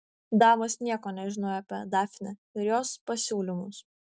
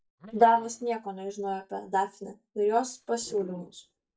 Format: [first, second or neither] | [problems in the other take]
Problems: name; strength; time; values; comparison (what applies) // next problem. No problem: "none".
first | noise reduction (neural mask model DeepFilterNet 3)